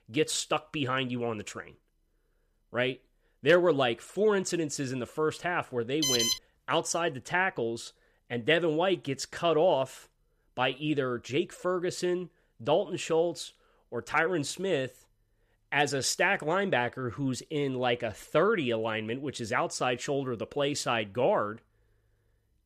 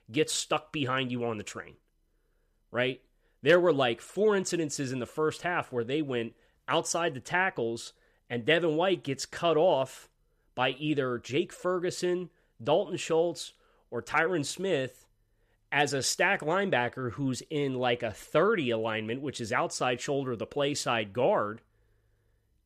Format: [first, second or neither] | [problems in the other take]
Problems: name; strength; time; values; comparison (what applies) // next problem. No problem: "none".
second | alarm; loud; at 6 s; peak 4 dB above the speech